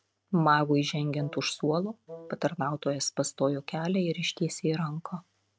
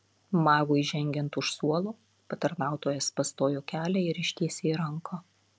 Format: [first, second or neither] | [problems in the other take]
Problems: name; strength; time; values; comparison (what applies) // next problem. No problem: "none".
second | noise reduction (neural mask model RNNoise)